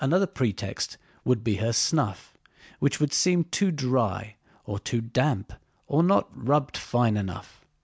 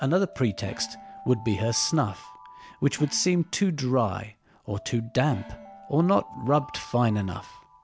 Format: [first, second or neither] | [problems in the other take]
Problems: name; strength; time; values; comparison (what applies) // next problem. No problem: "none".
first | background sound (Gong + Alarm); 18 dB below the speech